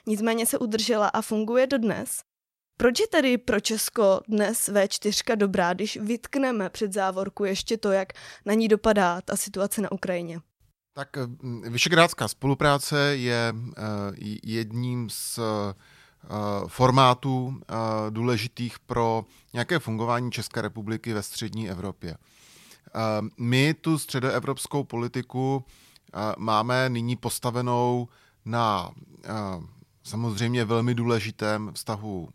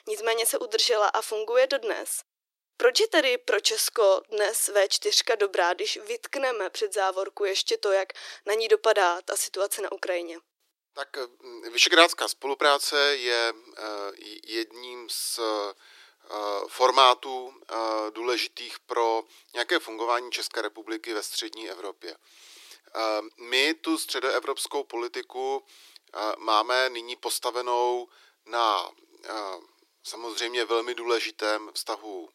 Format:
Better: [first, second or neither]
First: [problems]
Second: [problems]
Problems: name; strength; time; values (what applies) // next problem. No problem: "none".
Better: first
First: none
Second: thin; very; fading below 300 Hz